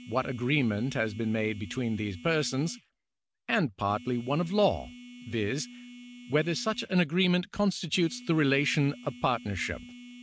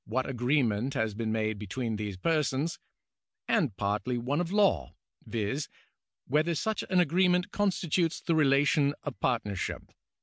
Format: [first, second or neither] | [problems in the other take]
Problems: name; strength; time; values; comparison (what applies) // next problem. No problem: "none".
second | background sound (Telephone); 18 dB below the speech